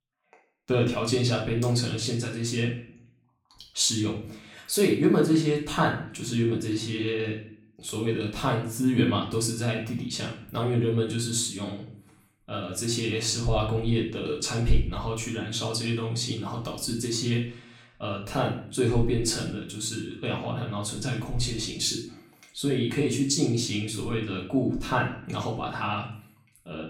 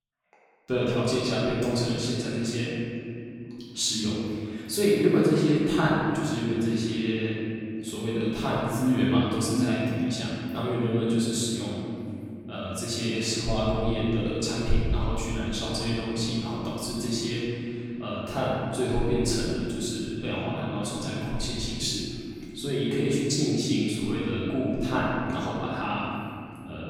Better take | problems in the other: first | room echo; strong; dies away in 3 s; slight in the first // off-mic speech; far; far in the first

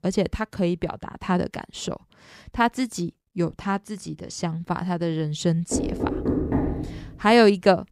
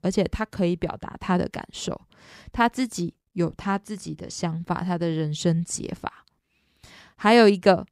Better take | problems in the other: second | door banging; loud; from 5.5 to 7 s; peak level with the speech

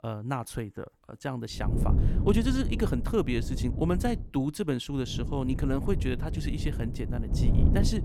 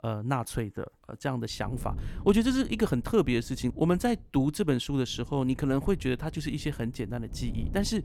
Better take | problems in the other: second | wind noise on the microphone; heavy; from 1.5 to 4 s and from 5 s on; 8 dB below the speech; occasional gusts in the second

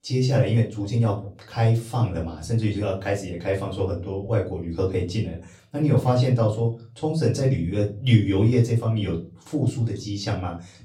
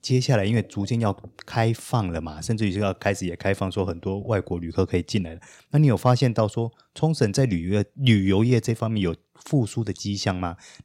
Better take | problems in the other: second | off-mic speech; far // room echo; slight; dies away in 0.3 s

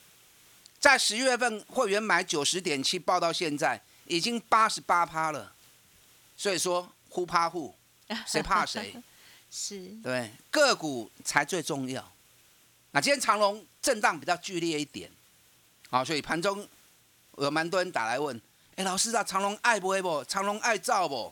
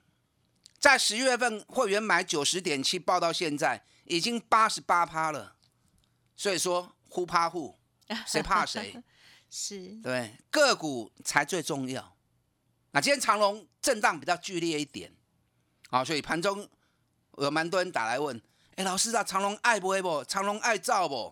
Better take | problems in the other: second | hiss; faint; throughout; 30 dB below the speech

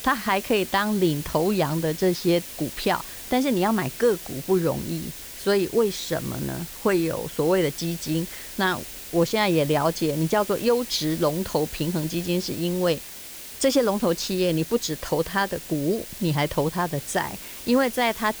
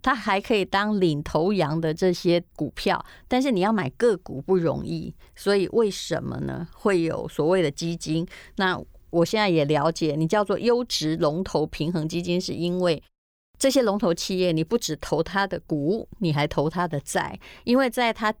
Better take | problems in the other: second | hiss; noticeable; throughout; 10 dB below the speech

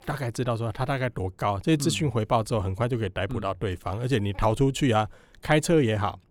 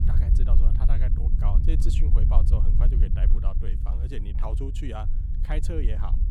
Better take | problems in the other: first | low rumble; loud; throughout; 3 dB below the speech

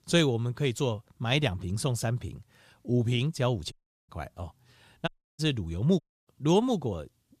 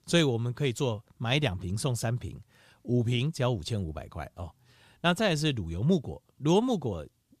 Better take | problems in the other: second | audio cutting out; at 3.5 s, at 5 s and at 6 s

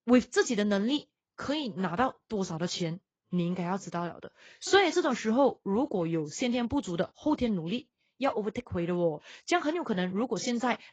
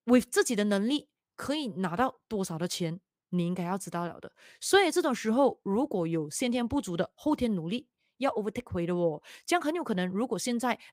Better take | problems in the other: second | garbled, watery; badly; nothing above 7.5 kHz

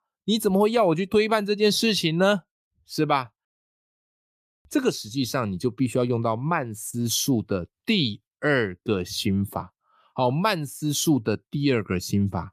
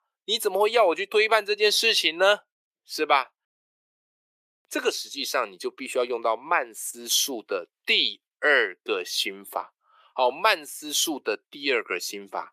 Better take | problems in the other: first | thin; very; fading below 400 Hz

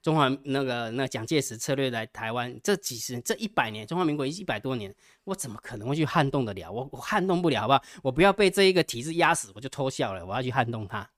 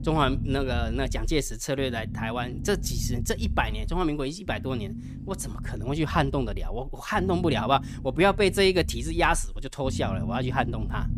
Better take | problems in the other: first | low rumble; noticeable; throughout; 15 dB below the speech

